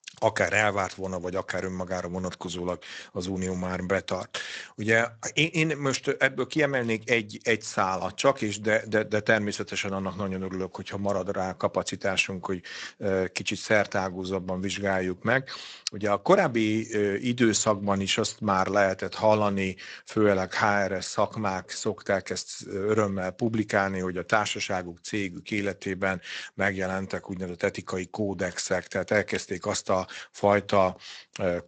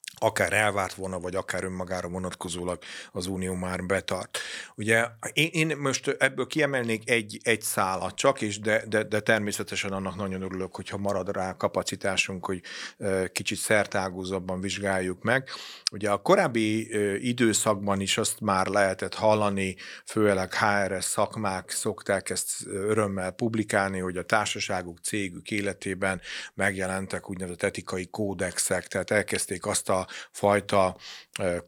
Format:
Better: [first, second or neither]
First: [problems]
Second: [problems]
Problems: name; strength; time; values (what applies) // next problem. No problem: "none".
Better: second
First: garbled, watery; slightly; nothing above 7.5 kHz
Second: none